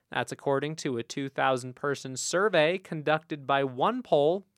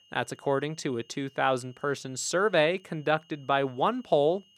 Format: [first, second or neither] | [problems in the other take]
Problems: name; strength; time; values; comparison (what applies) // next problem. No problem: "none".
first | high-pitched whine; faint; throughout; 3 kHz, 30 dB below the speech